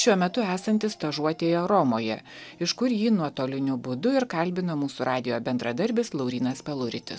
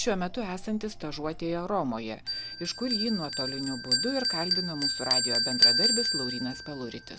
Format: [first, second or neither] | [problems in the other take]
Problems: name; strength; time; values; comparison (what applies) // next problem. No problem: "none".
first | background sound (Bell); 2 dB above the speech